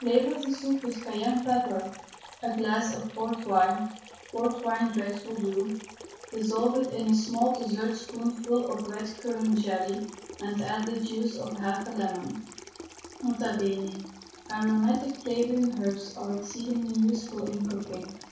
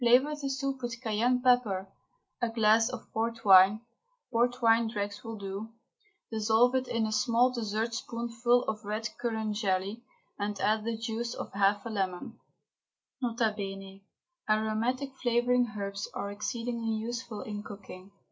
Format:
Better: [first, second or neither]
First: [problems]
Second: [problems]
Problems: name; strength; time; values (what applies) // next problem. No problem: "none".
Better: second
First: background sound (Sink (filling or washing) / Water tap, faucet); 17 dB below the speech // room echo; dies away in 0.6 s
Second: none